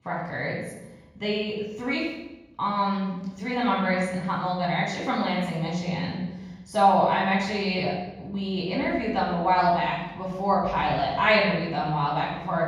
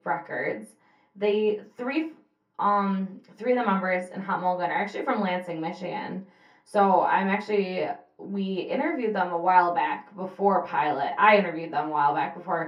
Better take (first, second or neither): second